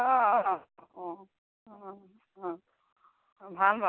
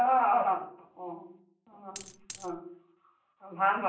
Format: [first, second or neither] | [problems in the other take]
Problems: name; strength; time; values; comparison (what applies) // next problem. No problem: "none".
first | background sound (Coin (dropping)); 14 dB below the speech // room echo; dies away in 0.6 s